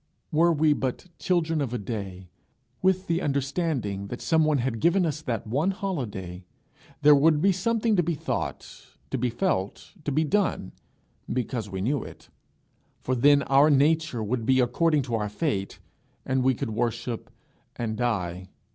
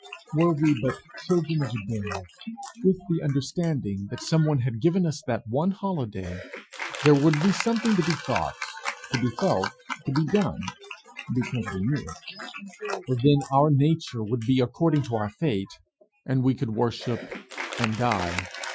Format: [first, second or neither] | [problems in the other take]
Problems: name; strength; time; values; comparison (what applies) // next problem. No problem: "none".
first | noise reduction (classical method Wiener filter)